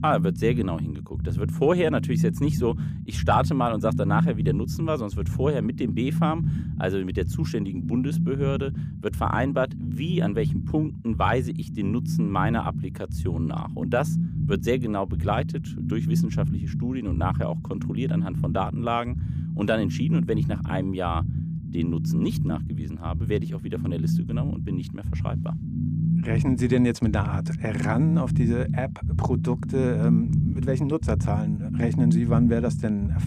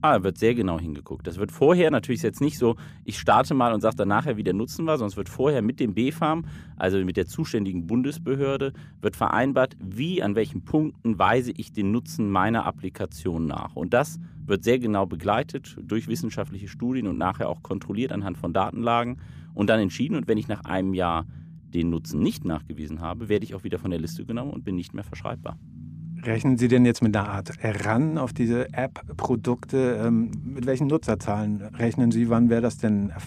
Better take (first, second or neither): second